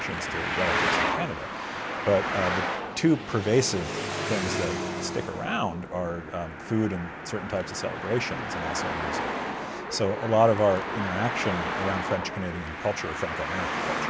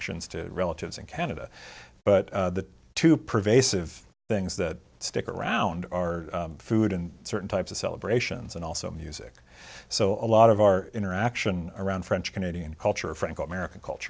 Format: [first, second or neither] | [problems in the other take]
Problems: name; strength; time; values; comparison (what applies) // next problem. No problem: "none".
second | background sound (Traffic noise, roadway noise); 2 dB below the speech